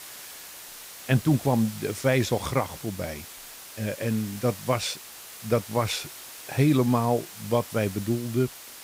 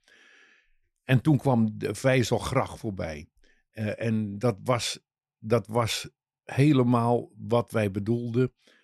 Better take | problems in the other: second | hiss; noticeable; throughout; 15 dB below the speech

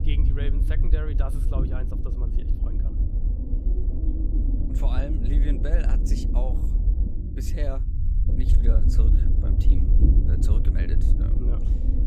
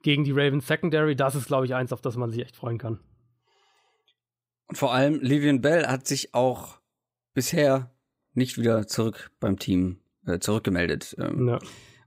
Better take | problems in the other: second | low rumble; loud; throughout; 1 dB below the speech

